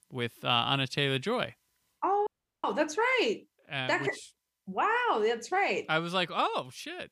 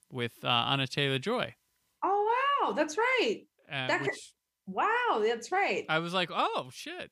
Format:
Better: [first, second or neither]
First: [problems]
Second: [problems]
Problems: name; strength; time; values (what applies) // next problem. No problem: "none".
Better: second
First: audio cutting out; at 2.5 s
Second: none